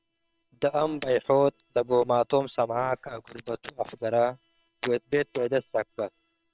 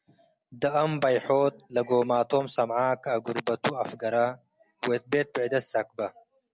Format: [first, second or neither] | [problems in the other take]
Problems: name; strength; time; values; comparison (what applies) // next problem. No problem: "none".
second | noise reduction (neural separator model SepFormer WHAM!)